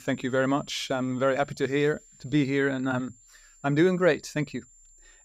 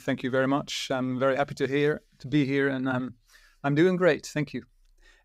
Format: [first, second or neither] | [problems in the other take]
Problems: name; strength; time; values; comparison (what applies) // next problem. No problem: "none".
second | high-pitched whine; faint; throughout; 7.5 kHz, 25 dB below the speech